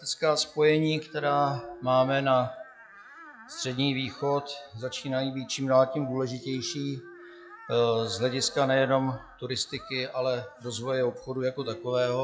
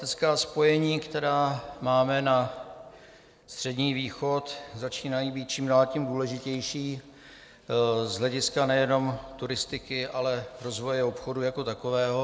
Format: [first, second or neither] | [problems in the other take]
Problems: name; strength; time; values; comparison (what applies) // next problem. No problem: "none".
second | noise reduction (classical method log-MMSE)